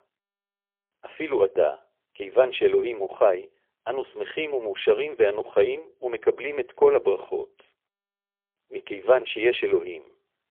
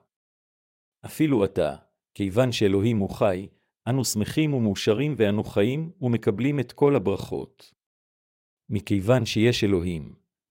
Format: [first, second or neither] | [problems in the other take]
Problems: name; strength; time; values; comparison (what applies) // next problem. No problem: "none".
second | phone-call audio; poor line; nothing above 3.5 kHz